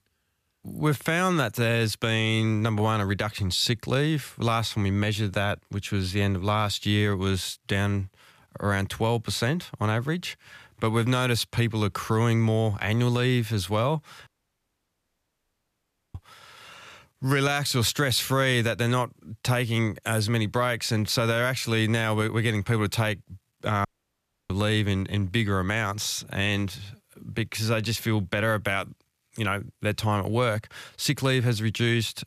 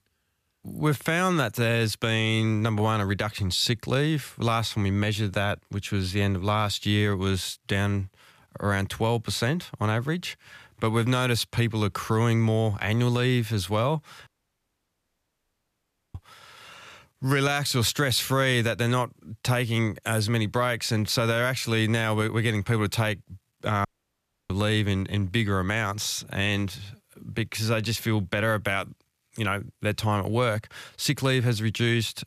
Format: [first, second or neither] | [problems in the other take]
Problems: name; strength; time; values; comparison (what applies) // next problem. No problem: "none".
neither | audio cutting out; at 14 s for 2 s and at 24 s for 0.5 s; the same in both